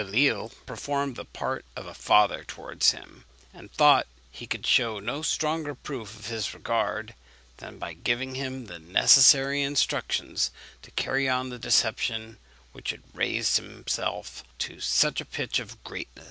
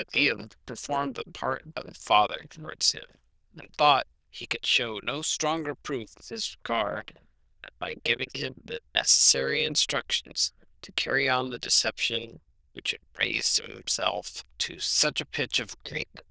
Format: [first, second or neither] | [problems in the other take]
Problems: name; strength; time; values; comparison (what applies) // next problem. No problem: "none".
first | noise reduction (neural diffusion model UNIVERSE++)